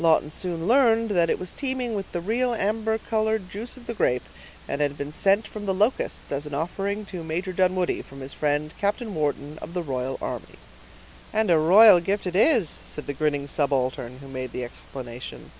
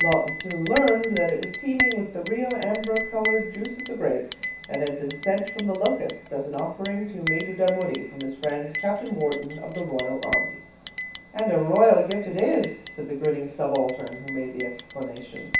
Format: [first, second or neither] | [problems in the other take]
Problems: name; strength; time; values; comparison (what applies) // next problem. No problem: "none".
first | background sound (Chink, clink); 7 dB below the speech // room echo; dies away in 0.7 s